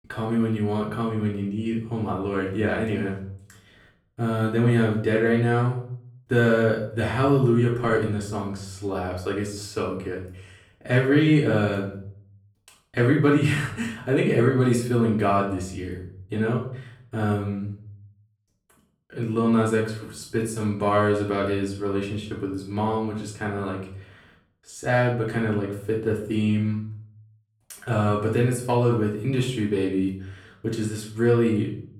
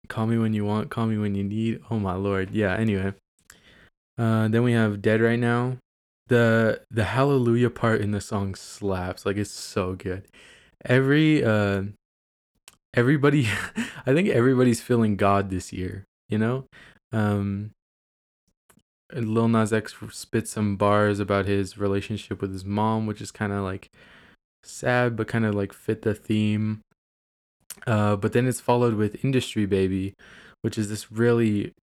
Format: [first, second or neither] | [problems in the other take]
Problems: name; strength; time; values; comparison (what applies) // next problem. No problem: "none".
second | off-mic speech; far // room echo; slight; dies away in 0.5 s